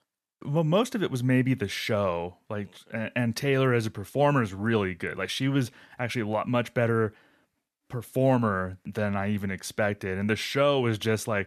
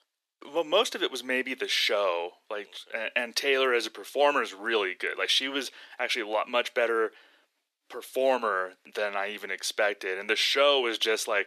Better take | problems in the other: first | thin; very; fading below 350 Hz

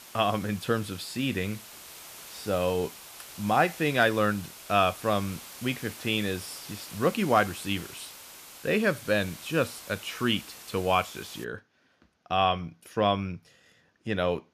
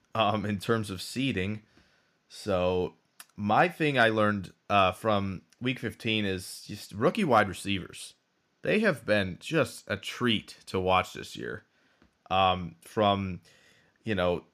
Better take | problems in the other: second | hiss; noticeable; until 11 s; 15 dB below the speech

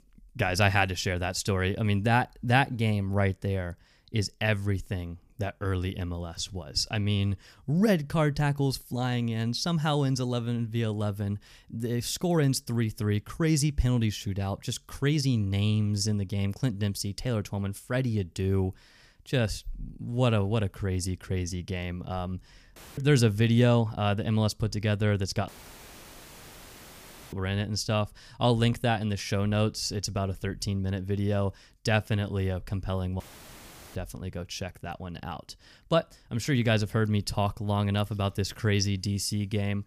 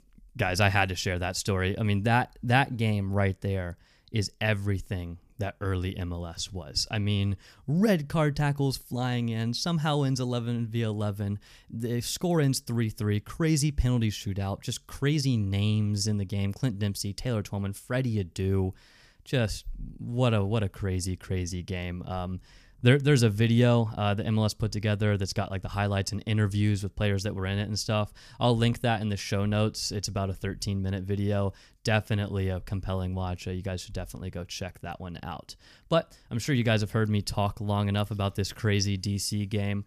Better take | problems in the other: second | audio cutting out; filled with static; at 23 s, at 25 s for 2 s and at 33 s for 1 s

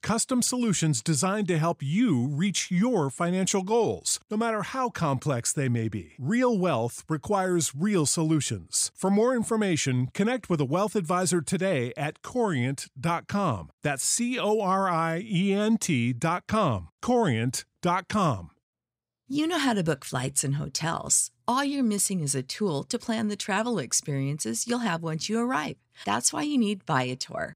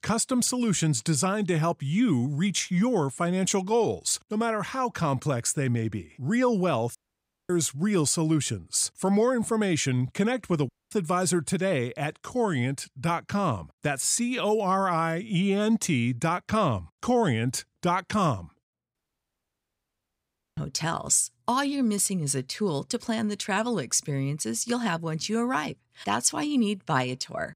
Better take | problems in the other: first | audio cutting out; at 7 s for 0.5 s, at 11 s and at 19 s for 1.5 s

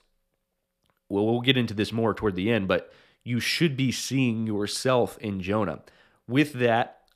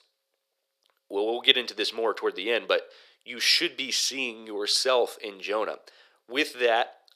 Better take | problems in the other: first | thin; very; fading below 400 Hz

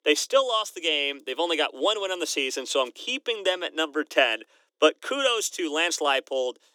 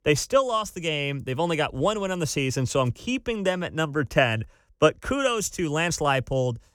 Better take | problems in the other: second | thin; somewhat; fading below 300 Hz

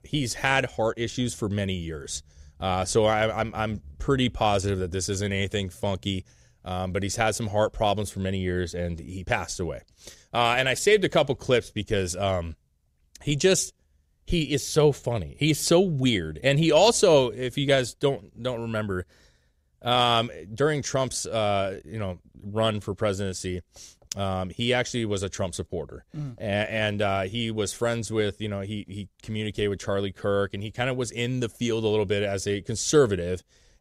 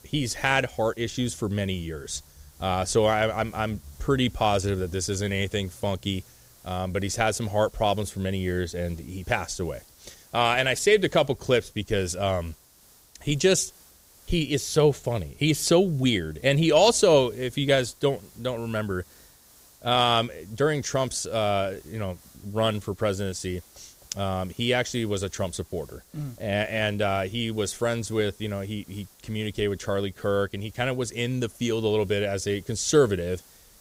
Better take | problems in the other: first | hiss; faint; throughout; 25 dB below the speech

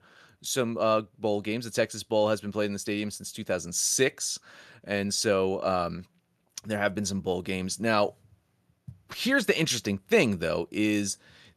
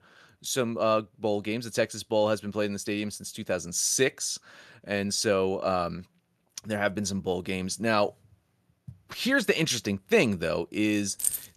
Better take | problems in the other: first | jangling keys; noticeable; at 11 s; peak level with the speech

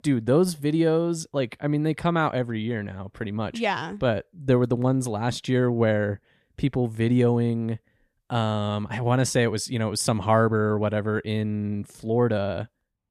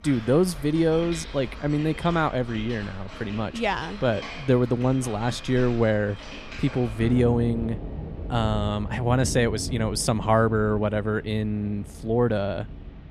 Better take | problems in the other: first | rain or running water; noticeable; throughout; 10 dB below the speech

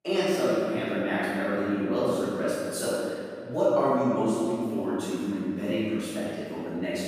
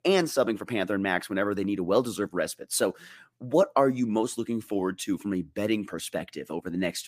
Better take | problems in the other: second | room echo; strong; dies away in 2.3 s // off-mic speech; far

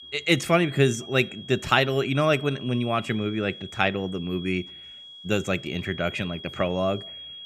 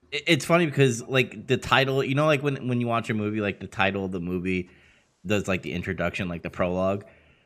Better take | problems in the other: second | high-pitched whine; noticeable; throughout; 3.5 kHz, 15 dB below the speech

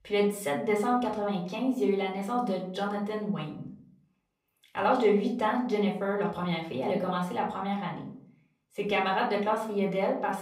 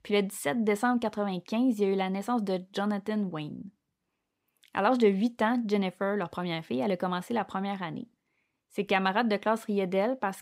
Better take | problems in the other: second | room echo; slight; dies away in 0.5 s // off-mic speech; far

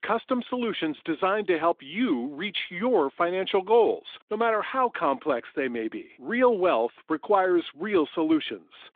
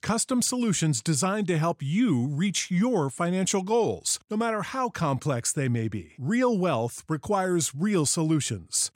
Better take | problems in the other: second | phone-call audio; nothing above 3.5 kHz

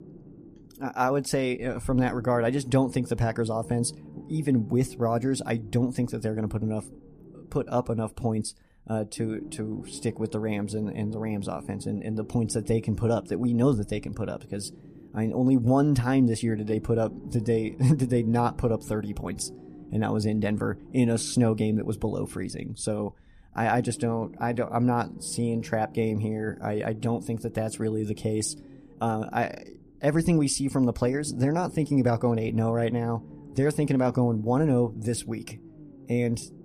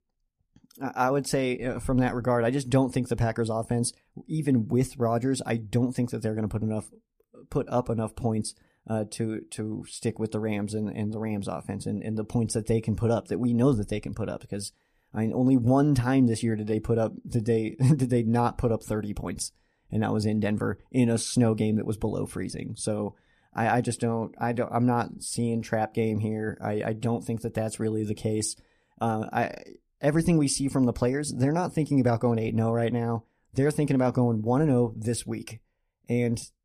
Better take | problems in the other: second | low rumble; faint; throughout; 20 dB below the speech

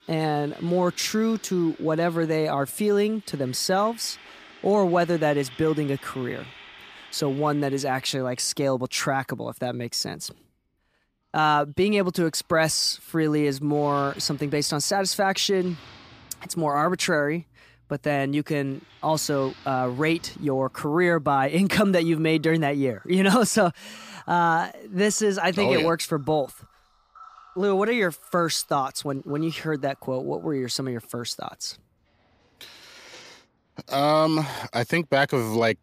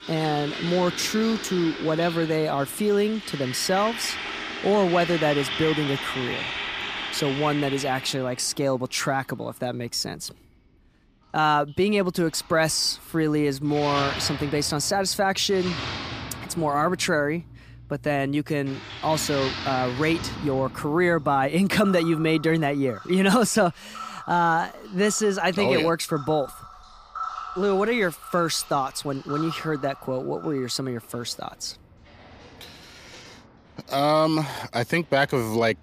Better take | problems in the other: first | household noises; loud; throughout; 9 dB below the speech; faint in the first

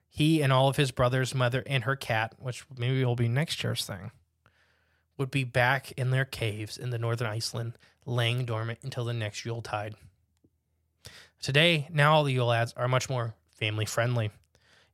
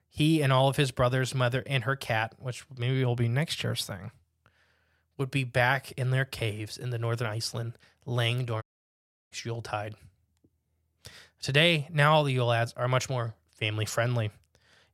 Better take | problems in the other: first | audio cutting out; at 8.5 s for 0.5 s

